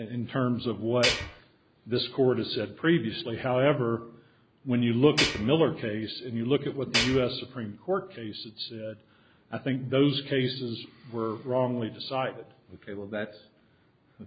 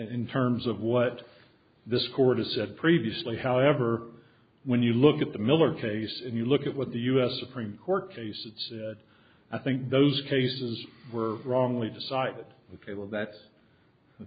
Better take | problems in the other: second | background sound (Tools); 1 dB above the speech

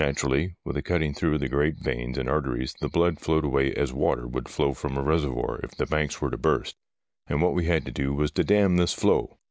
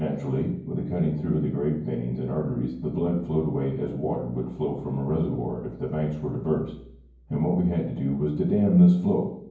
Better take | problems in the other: first | room echo; dies away in 0.9 s

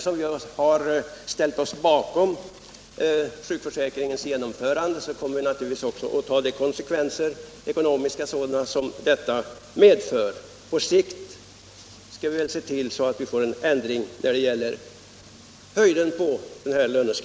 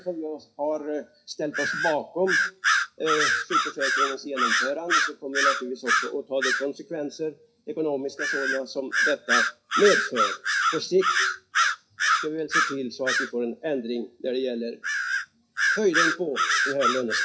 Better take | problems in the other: first | noise reduction (classical method WPE with log-MMSE)

